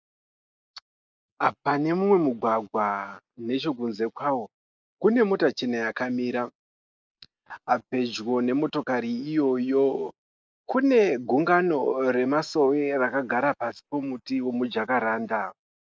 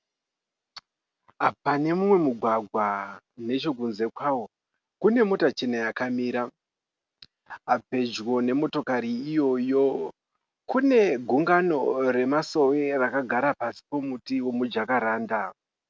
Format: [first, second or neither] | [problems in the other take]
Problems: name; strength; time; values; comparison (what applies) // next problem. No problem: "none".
second | noise reduction (neural mask model Resemble Enhance denoiser)